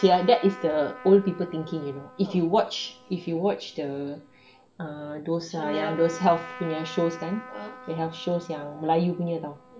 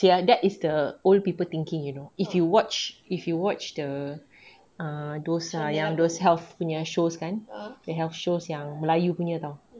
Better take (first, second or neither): second